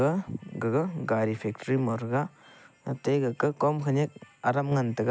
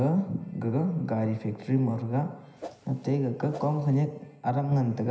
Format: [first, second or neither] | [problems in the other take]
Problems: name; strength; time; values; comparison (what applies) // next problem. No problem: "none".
first | background sound (Whoosh, swoosh, swish); 16 dB below the speech // room echo; dies away in 0.9 s